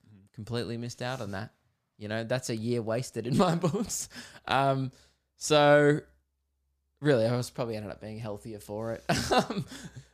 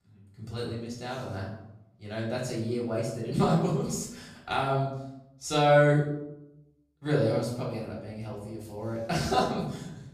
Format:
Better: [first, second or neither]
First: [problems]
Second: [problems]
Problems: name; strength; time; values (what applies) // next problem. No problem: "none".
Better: first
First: none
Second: off-mic speech; far // room echo; noticeable; dies away in 0.7 s